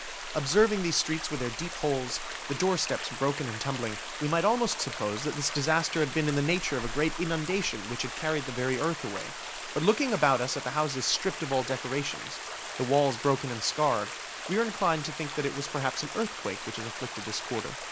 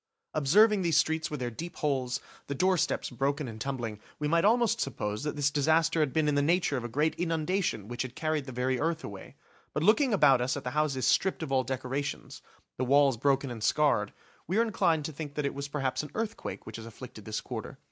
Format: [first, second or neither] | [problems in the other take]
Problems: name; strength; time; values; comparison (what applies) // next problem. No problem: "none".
second | background sound (Stream); 8 dB below the speech